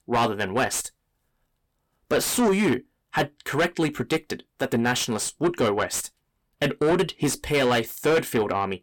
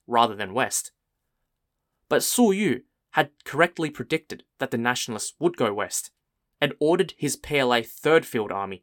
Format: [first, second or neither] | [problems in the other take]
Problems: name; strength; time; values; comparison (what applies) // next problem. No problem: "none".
second | distortion; heavy; 6 dB below the speech